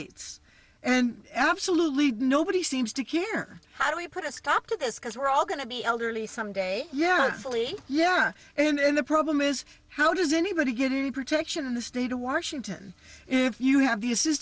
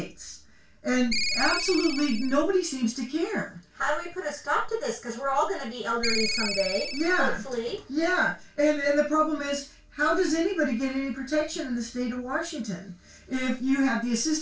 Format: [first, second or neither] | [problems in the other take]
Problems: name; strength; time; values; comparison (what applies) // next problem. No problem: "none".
first | background sound (Ringtone); 1 dB below the speech // room echo; dies away in 0.2 s